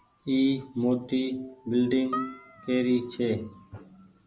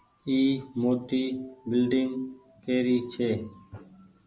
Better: second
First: background sound (Harp); 13 dB below the speech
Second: none

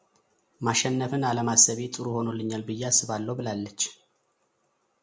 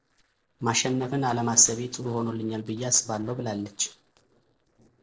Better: first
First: none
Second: noise reduction (neural separator model SepFormer DNS4)

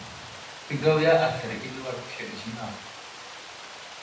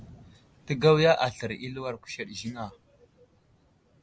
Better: second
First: background sound (Water); 13 dB below the speech // room echo; dies away in 0.8 s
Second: none

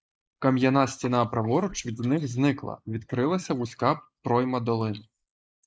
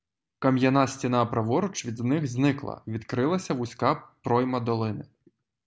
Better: second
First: noise reduction (neural mask model Resemble Enhance denoiser)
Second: none

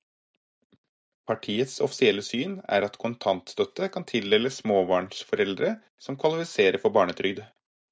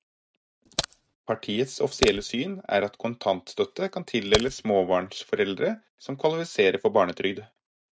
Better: first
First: none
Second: noise reduction (neural mask model RNNoise)

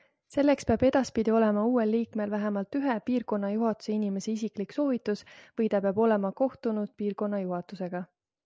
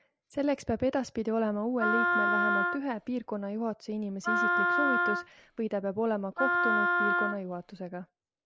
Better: first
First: none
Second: background sound (Wind instrument, woodwind instrument); 3 dB above the speech

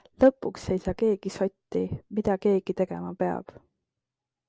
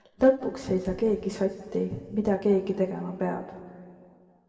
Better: first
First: none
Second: room echo; dies away in 1.9 s

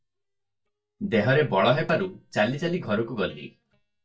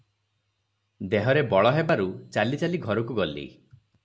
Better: second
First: noise reduction (neural mask model DeepFilterNet 3)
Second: none

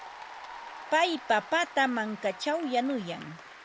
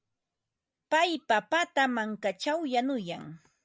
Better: second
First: background sound (Applause / Cheering); 15 dB below the speech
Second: none

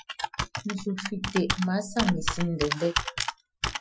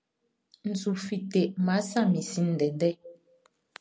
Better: second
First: noise reduction (classical method Wiener filter)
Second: none

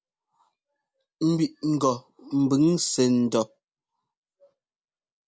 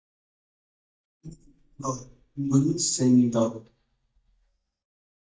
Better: first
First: none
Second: noise reduction (neural mask model DeepFilterNet 3)

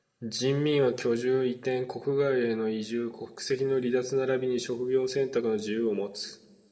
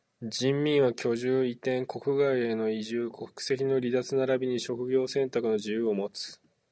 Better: second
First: room echo; dies away in 1 s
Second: none

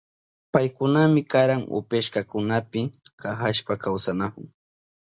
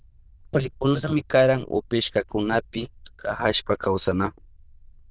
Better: first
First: none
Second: noise reduction (neural diffusion model UNIVERSE++)

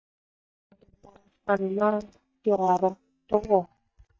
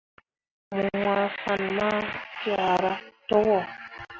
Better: second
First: noise reduction (neural mask model DeepFilterNet 3)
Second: none

